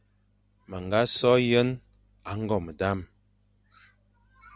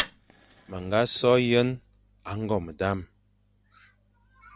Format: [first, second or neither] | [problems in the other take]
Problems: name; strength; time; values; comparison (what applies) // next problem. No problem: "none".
first | background sound (Fire); 16 dB below the speech